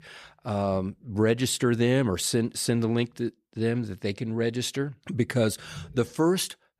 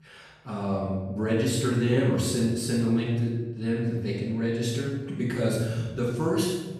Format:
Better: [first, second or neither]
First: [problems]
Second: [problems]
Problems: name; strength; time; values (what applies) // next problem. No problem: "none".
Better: first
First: none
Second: off-mic speech; far // room echo; noticeable; dies away in 1.2 s